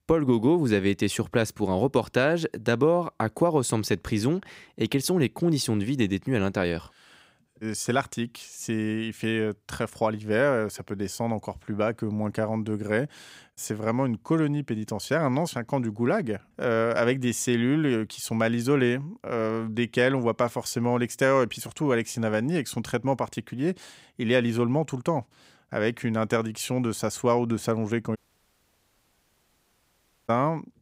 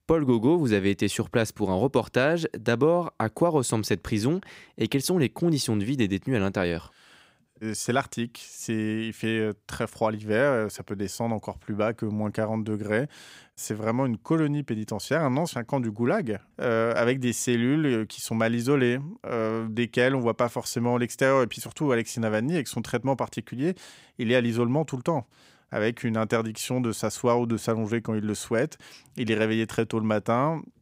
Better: second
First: audio cutting out; at 28 s for 2 s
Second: none

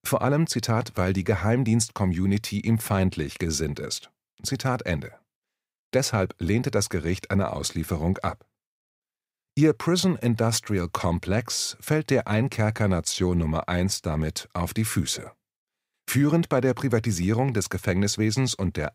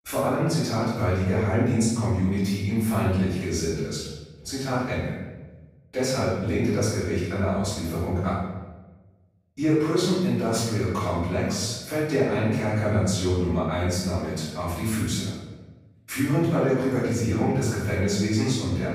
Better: first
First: none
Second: off-mic speech; far // room echo; strong; dies away in 1 s

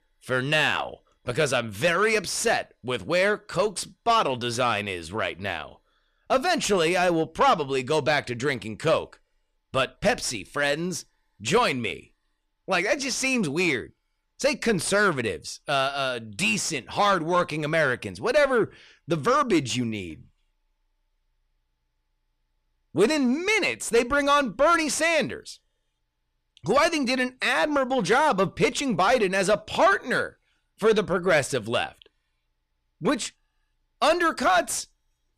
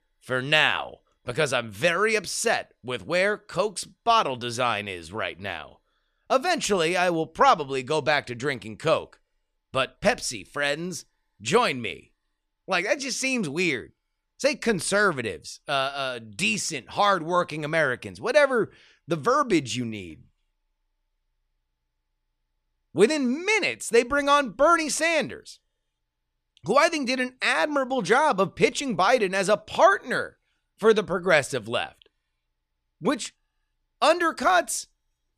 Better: second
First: distortion; slight; 10 dB below the speech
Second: none

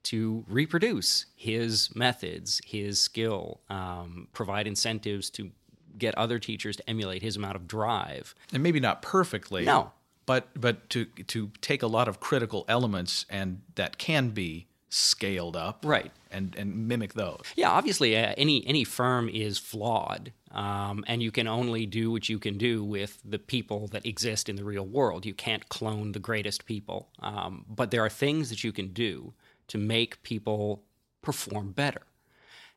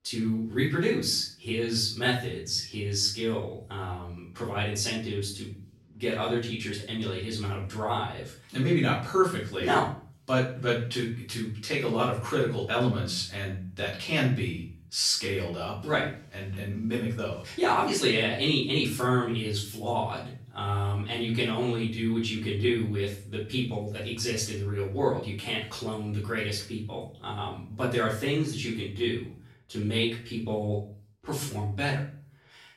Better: first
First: none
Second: off-mic speech; far // room echo; noticeable; dies away in 0.4 s

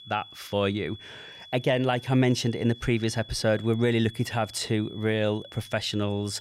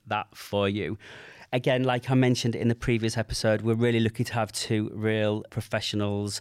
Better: second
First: high-pitched whine; noticeable; throughout; 3.5 kHz, 20 dB below the speech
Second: none

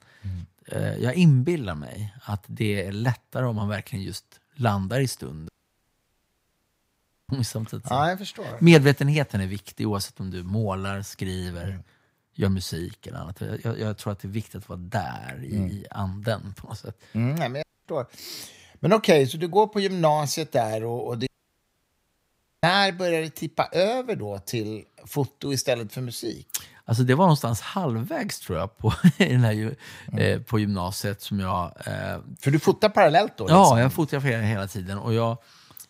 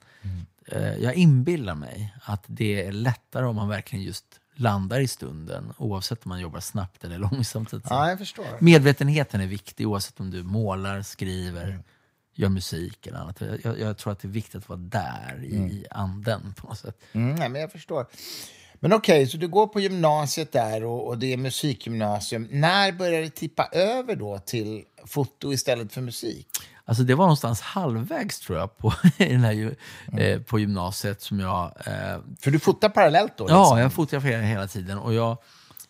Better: second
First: audio cutting out; at 5.5 s for 2 s, at 18 s and at 21 s for 1.5 s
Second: none

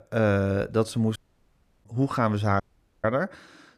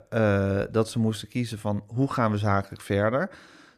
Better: second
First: audio cutting out; at 1 s for 0.5 s and at 2.5 s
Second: none

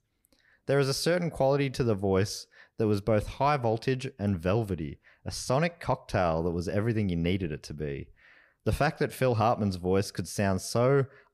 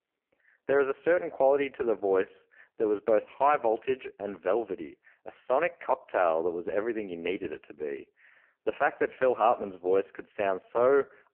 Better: first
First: none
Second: phone-call audio; poor line

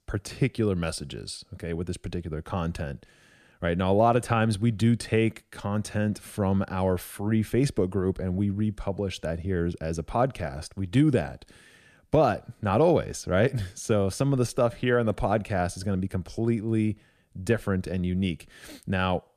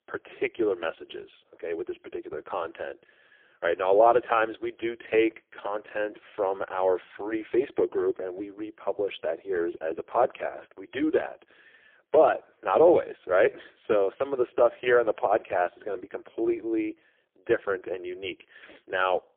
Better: first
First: none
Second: phone-call audio; poor line; nothing above 3.5 kHz

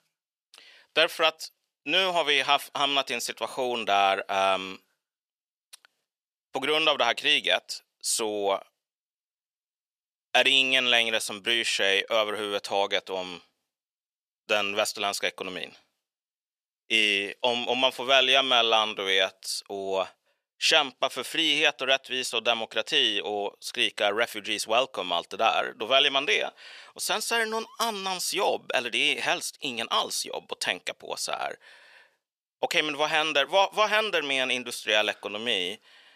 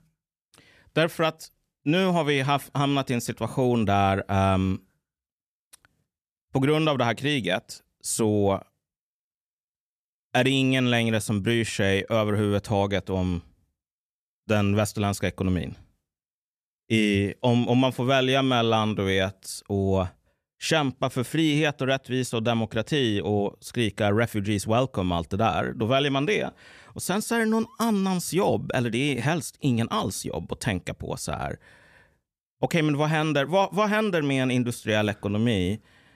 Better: second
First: thin; very; fading below 600 Hz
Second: none

